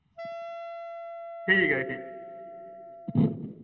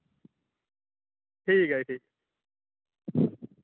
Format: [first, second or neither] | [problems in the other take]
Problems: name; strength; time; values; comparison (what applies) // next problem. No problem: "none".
second | background sound (Wind instrument, woodwind instrument); 10 dB below the speech // room echo; dies away in 2.5 s